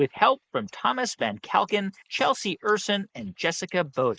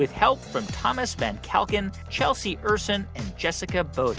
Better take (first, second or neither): second